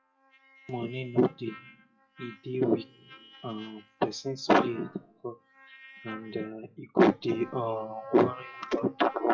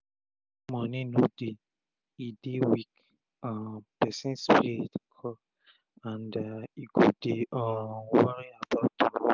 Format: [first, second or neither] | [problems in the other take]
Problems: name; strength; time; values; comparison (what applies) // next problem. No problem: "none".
second | noise reduction (classical method WPE with log-MMSE)